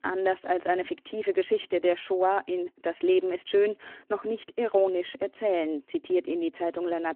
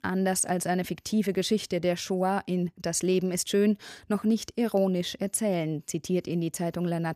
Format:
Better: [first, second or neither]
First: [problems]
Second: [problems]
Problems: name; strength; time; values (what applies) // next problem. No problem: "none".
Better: second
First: phone-call audio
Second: none